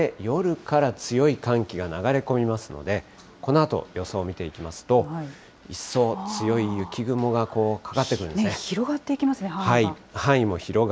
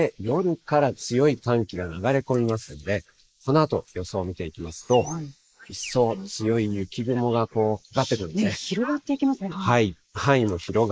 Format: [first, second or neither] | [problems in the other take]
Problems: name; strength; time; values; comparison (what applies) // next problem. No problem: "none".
first | noise reduction (neural mask model Resemble Enhance denoiser)